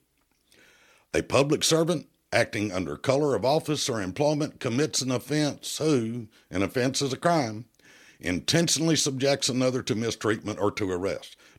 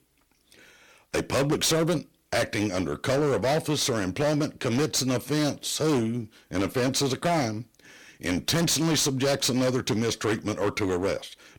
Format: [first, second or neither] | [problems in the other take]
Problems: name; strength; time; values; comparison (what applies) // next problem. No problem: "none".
first | distortion; heavy; 15% of the sound clipped